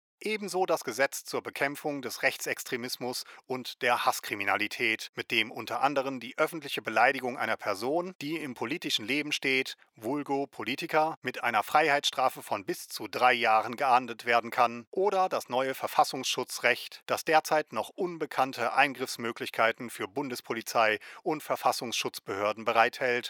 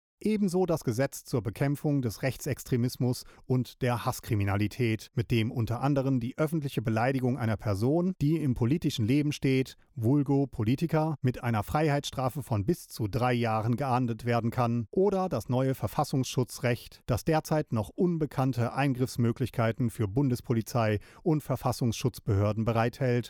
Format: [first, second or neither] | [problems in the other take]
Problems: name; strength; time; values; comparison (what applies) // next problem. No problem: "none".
second | thin; very; fading below 500 Hz